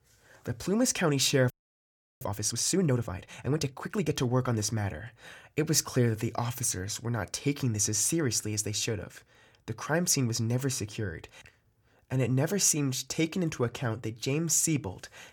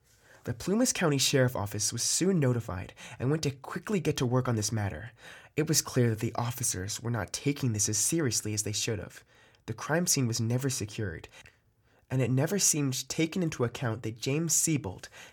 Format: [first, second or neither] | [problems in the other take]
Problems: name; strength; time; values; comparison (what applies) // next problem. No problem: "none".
second | audio freezing; at 1.5 s for 0.5 s